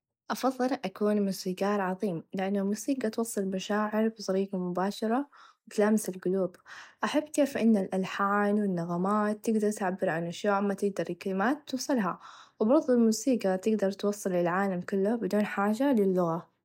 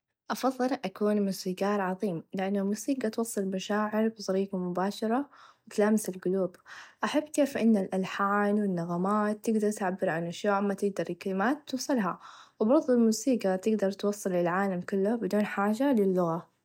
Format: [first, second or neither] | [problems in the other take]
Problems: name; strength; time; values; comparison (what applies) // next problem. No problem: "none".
second | noise reduction (neural mask model Resemble Enhance denoiser)